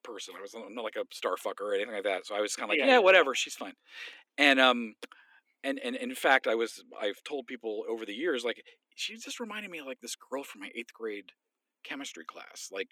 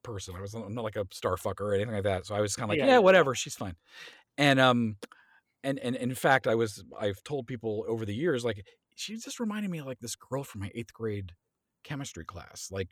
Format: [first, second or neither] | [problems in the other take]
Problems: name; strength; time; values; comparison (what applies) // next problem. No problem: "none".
second | thin; very slightly; fading below 250 Hz